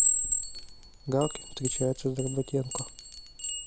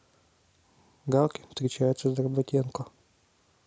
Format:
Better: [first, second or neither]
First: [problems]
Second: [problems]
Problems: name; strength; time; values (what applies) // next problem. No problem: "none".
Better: second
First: background sound (Chime); 2 dB above the speech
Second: none